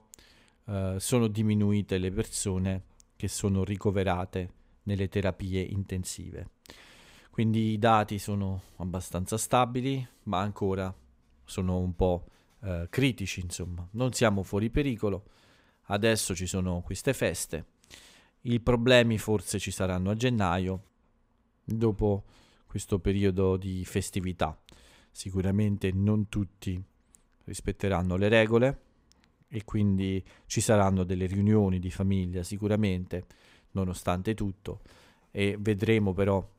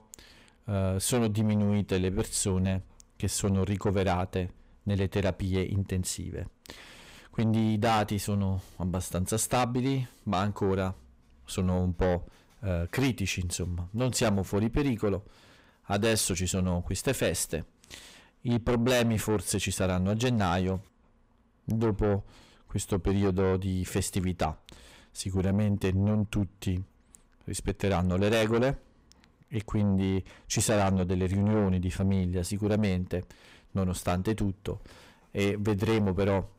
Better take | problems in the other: first | distortion; heavy; 8 dB below the speech

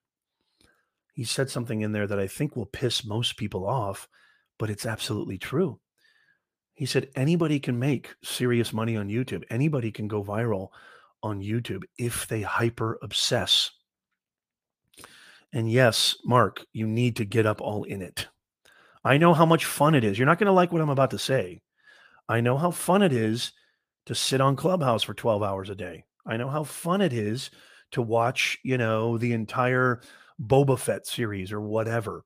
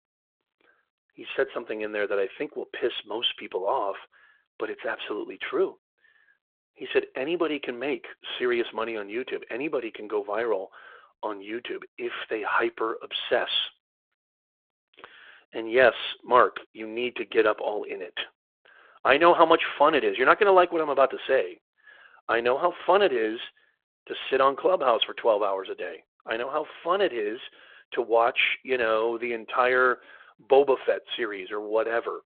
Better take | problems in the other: first | phone-call audio; nothing above 3.5 kHz

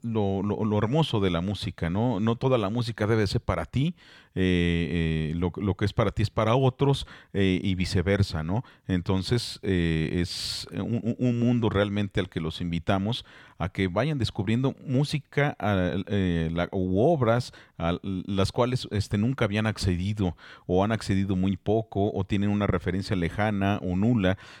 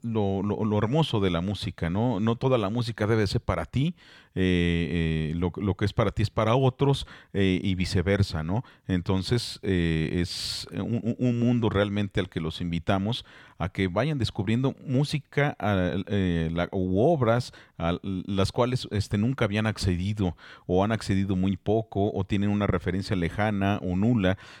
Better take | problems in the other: neither | none

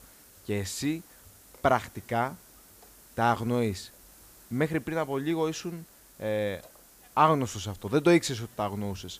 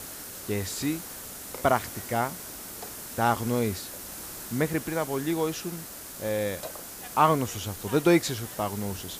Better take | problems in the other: first | hiss; loud; throughout; 10 dB below the speech; faint in the first

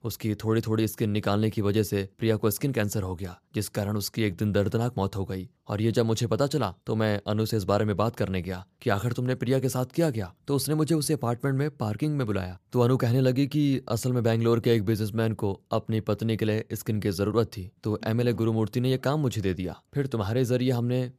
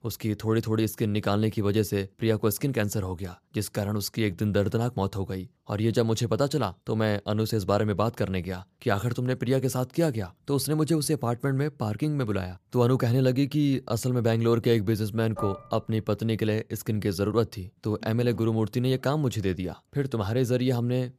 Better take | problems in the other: first | clattering dishes; faint; at 15 s; peak 10 dB below the speech

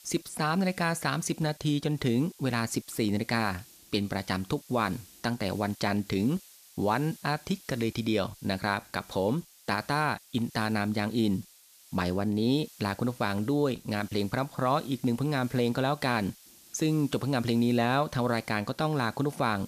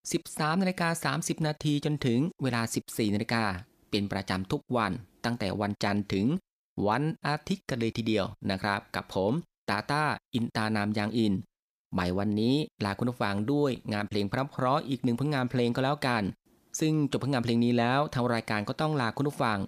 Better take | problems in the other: second | hiss; faint; throughout; 20 dB below the speech

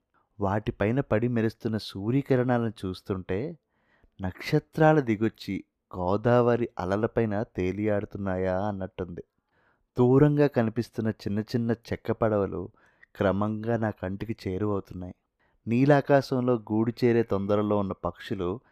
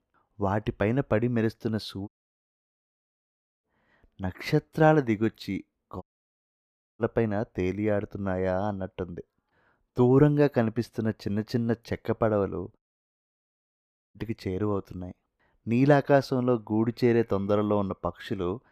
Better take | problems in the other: first | audio cutting out; at 2 s for 1.5 s, at 6 s for 1 s and at 13 s for 1.5 s

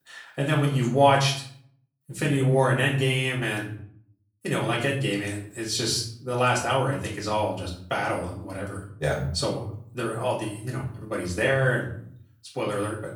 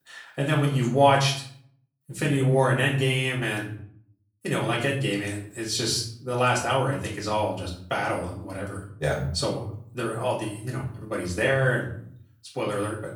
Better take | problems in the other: neither | room echo; slight; dies away in 0.5 s; the same in both // off-mic speech; far; the same in both

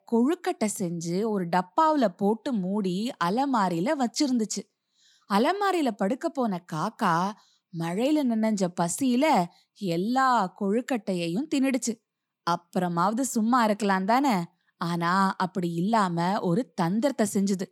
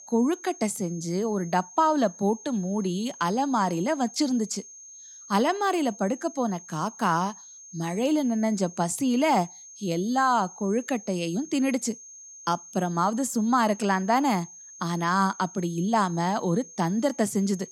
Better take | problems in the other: first | high-pitched whine; noticeable; throughout; 6.5 kHz, 15 dB below the speech

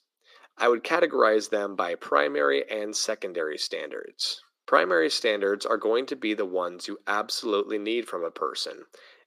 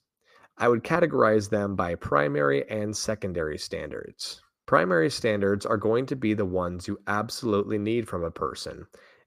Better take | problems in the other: second | thin; somewhat; fading below 300 Hz

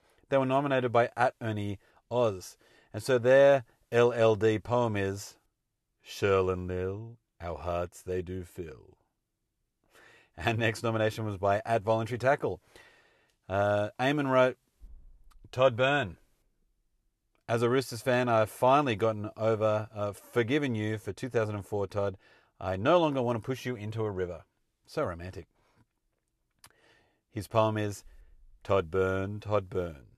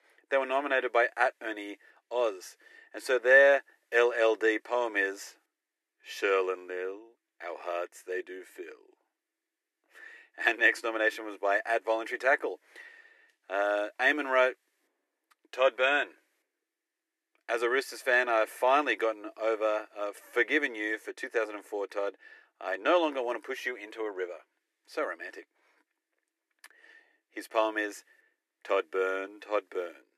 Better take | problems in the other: first | thin; very; fading below 300 Hz

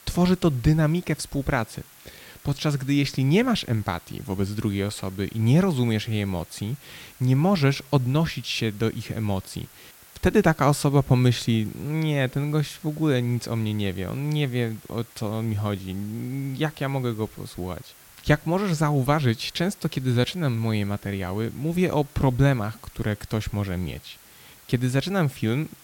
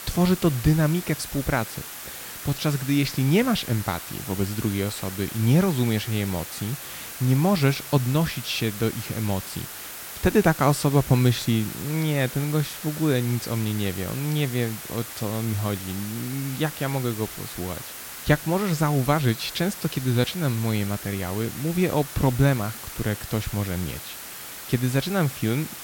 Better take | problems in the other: first | hiss; loud; throughout; 10 dB below the speech; faint in the first

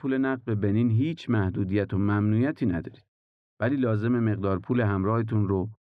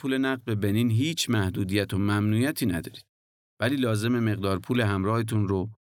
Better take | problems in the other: second | muffled; very; fading above 1.5 kHz

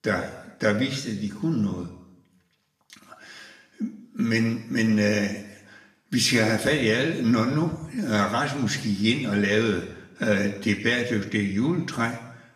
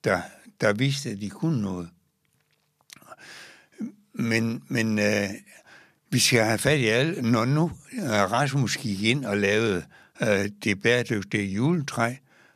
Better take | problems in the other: second | room echo; slight; dies away in 0.8 s // off-mic speech; somewhat distant

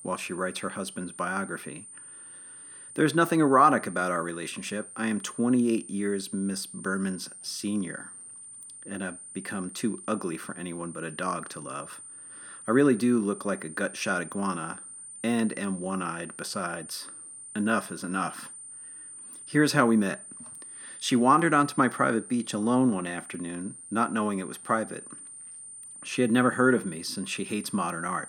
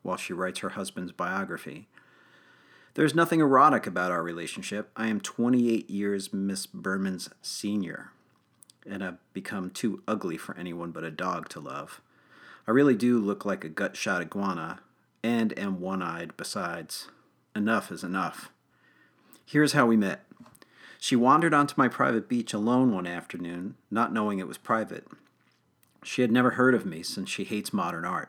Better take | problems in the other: second | high-pitched whine; noticeable; throughout; 9 kHz, 15 dB below the speech

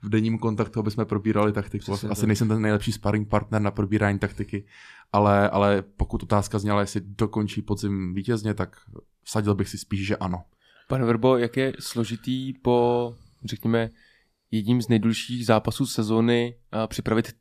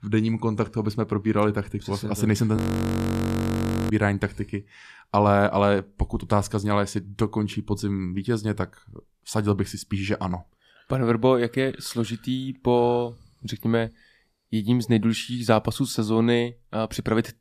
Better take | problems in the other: first | audio freezing; at 2.5 s for 1.5 s

